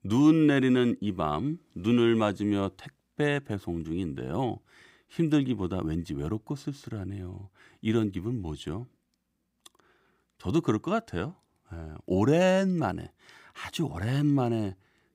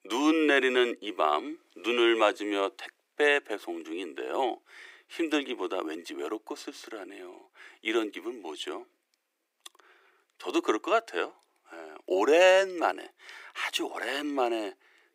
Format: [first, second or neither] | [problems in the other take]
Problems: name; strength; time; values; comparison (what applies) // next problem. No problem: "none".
first | thin; very; fading below 350 Hz